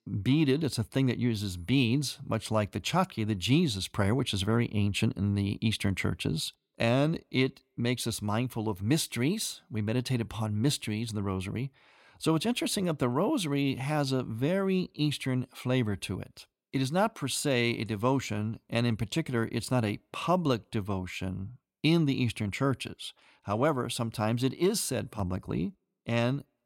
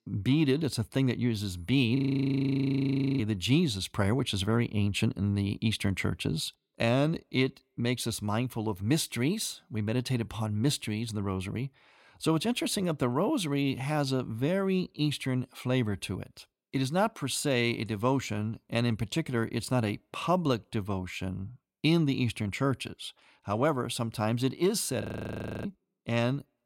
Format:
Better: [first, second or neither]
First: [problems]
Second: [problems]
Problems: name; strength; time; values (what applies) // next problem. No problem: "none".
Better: first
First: none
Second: audio freezing; at 2 s for 1 s and at 25 s for 0.5 s